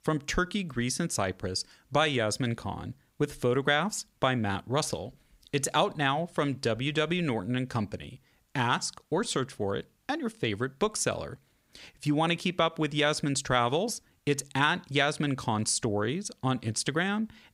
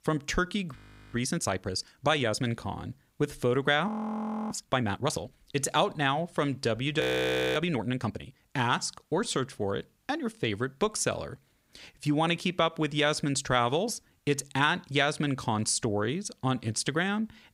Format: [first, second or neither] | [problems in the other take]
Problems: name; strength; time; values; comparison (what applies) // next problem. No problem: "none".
first | audio freezing; at 1 s, at 4 s for 0.5 s and at 7 s for 0.5 s